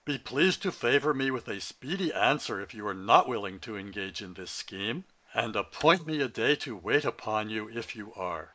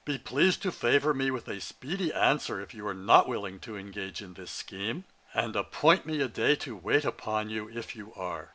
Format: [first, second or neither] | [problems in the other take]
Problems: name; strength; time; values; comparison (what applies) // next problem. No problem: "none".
second | noise reduction (neural mask model Resemble Enhance denoiser)